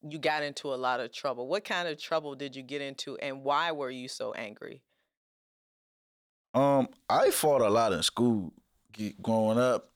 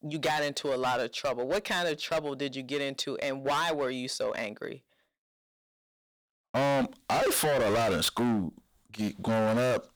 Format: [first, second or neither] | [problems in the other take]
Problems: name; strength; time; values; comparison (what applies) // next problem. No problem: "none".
first | distortion; heavy; 16% of the sound clipped